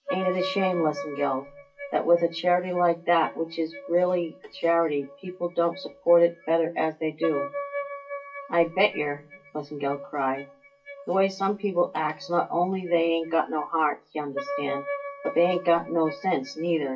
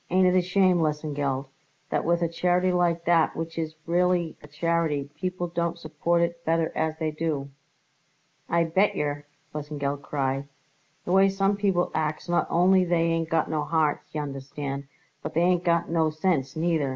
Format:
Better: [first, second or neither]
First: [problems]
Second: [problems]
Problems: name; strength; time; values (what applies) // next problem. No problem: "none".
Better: second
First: noise reduction (classical method WPE with log-MMSE)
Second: none